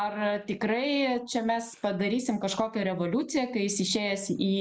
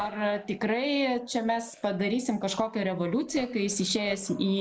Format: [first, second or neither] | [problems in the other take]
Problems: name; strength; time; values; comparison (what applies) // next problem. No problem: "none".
first | noise reduction (neural separator model SepFormer DNS4)